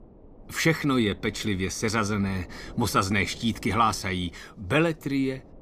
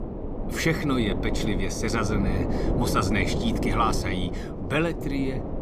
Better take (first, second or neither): first